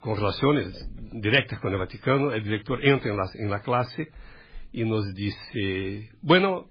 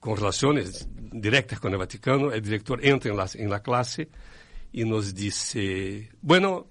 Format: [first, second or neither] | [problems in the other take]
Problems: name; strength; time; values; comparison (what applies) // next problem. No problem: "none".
second | garbled, watery; badly; nothing above 4.5 kHz; slightly in the second